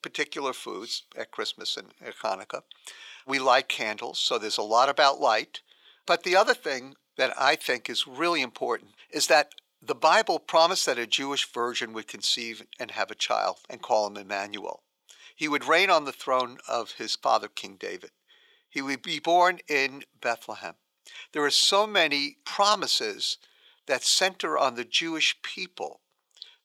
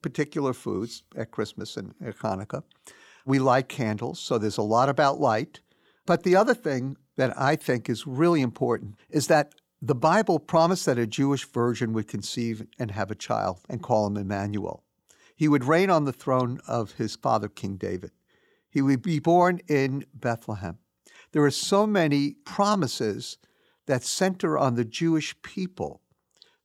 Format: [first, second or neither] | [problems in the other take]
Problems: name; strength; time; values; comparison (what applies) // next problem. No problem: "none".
second | thin; very; fading below 600 Hz